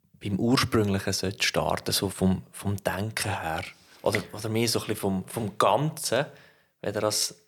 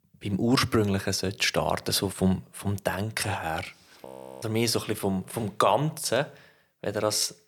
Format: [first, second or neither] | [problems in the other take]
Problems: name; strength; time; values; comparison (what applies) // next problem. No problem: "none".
first | audio freezing; at 4 s